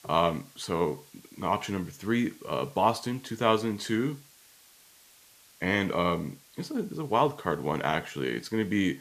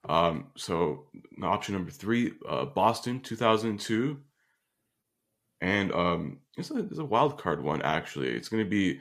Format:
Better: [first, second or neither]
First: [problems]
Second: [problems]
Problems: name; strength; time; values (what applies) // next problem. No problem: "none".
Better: second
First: hiss; faint; throughout; 25 dB below the speech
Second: none